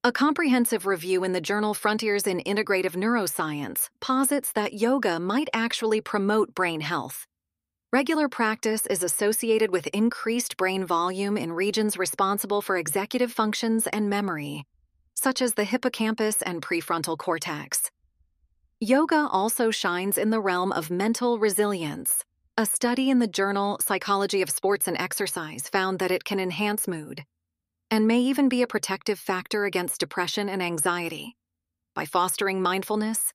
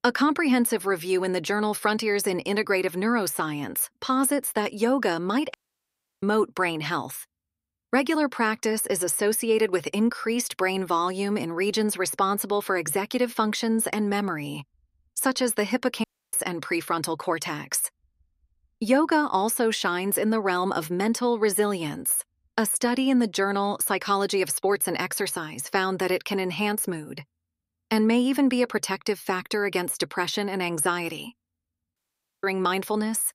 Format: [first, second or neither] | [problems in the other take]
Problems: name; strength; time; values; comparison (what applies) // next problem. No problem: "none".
first | audio cutting out; at 5.5 s for 0.5 s, at 16 s and at 32 s